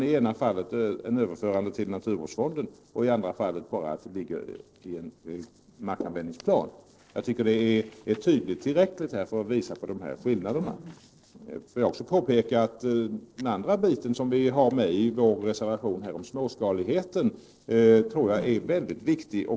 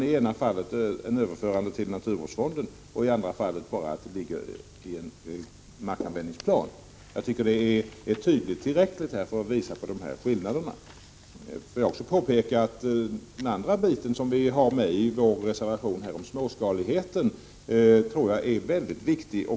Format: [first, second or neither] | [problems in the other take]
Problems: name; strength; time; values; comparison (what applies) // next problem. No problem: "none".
second | noise reduction (neural separator model SepFormer DNS4)